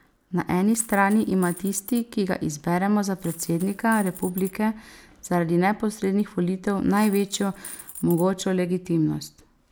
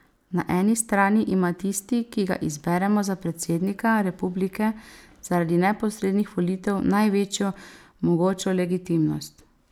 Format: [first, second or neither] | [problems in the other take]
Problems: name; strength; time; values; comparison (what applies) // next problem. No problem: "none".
second | background sound (Coin (dropping)); 19 dB below the speech